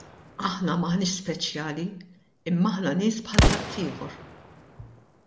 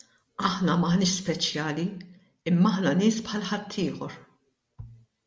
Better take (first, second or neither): second